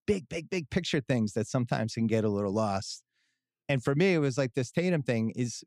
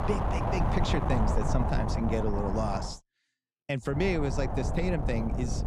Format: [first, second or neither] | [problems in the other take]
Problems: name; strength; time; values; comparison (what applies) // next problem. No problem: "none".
first | wind noise on the microphone; heavy; until 3 s and from 4 s on; 1 dB below the speech